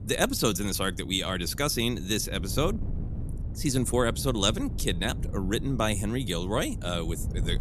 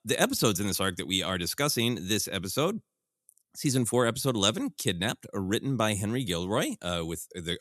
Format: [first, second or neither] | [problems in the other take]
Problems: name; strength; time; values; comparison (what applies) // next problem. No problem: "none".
second | wind noise on the microphone; occasional gusts; 20 dB below the speech